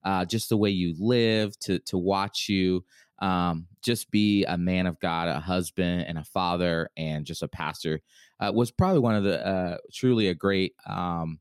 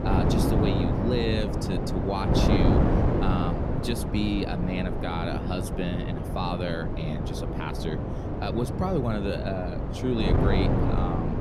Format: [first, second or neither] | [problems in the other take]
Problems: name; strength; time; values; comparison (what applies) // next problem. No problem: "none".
first | wind noise on the microphone; heavy; as loud as the speech